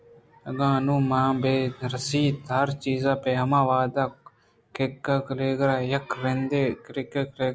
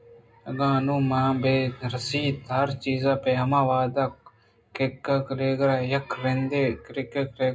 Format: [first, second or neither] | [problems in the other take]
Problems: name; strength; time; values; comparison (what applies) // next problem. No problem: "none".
first | room echo; dies away in 0.2 s